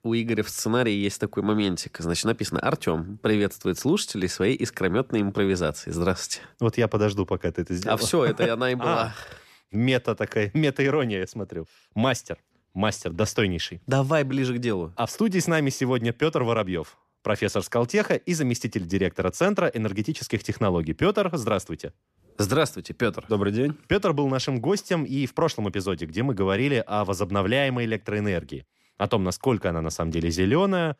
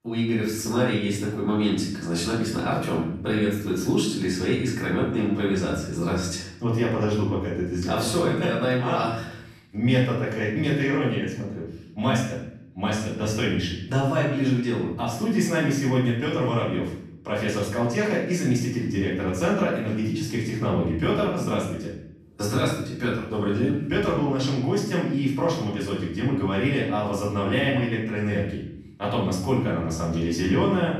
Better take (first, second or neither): first